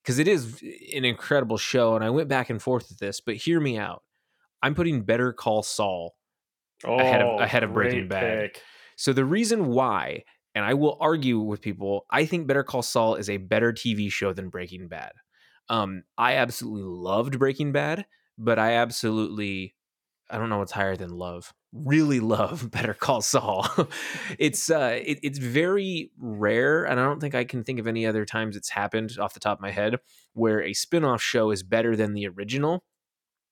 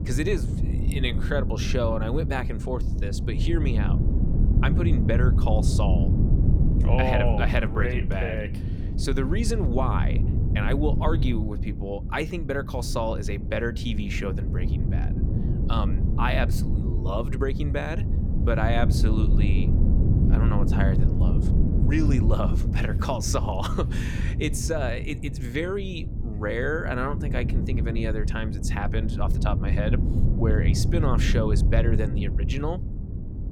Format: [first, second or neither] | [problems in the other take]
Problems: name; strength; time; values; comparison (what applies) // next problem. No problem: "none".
first | wind noise on the microphone; heavy; 7 dB below the speech